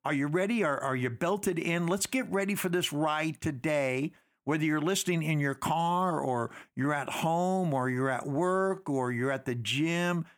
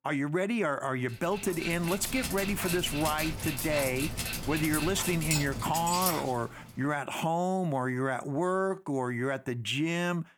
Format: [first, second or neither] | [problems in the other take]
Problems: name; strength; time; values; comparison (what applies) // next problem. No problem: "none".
first | dog barking; loud; from 1.5 to 6.5 s; peak 1 dB above the speech